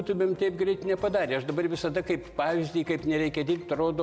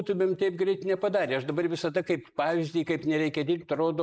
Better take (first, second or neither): first